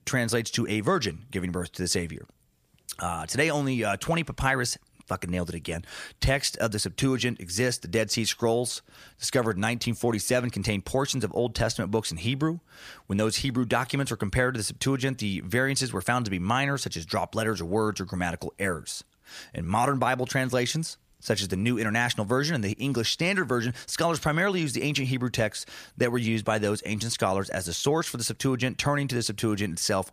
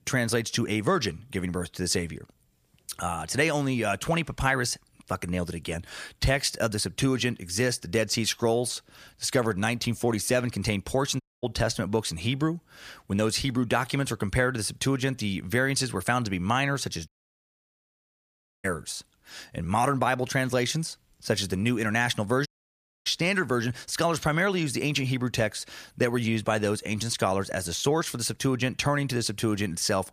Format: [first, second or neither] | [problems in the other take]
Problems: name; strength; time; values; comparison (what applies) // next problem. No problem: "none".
first | audio cutting out; at 11 s, at 17 s for 1.5 s and at 22 s for 0.5 s